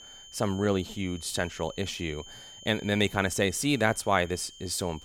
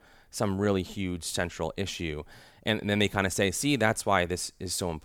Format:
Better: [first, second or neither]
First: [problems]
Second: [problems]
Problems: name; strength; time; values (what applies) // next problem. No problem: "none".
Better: second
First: high-pitched whine; noticeable; throughout; 3 kHz, 20 dB below the speech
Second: none